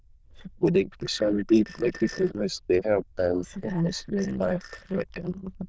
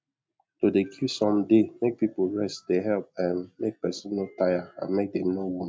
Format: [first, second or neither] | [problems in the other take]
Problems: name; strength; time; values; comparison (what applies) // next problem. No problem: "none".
second | noise reduction (neural diffusion model UNIVERSE++)